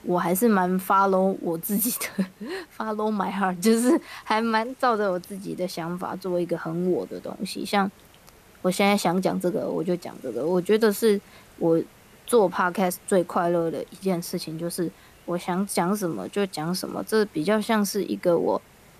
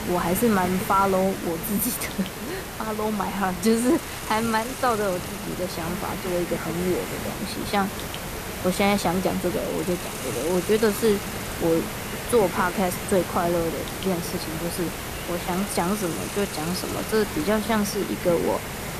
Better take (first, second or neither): first